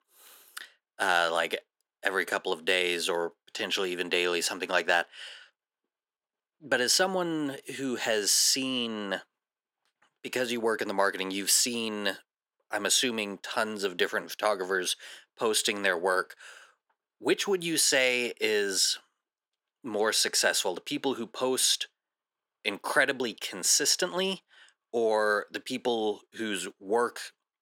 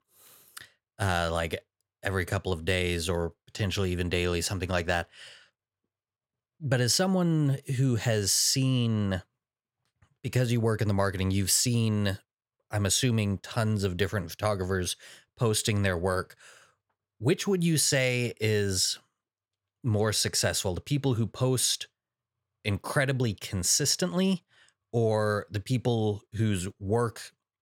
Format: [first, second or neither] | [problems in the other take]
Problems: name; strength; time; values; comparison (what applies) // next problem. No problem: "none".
second | thin; somewhat; fading below 250 Hz